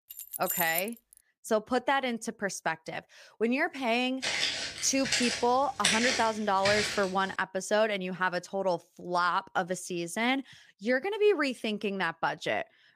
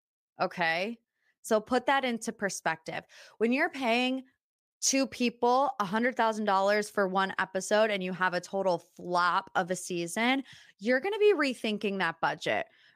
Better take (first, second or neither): second